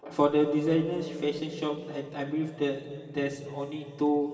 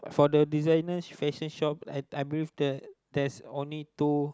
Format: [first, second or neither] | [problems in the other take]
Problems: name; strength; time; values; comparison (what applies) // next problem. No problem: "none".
second | room echo; dies away in 2.9 s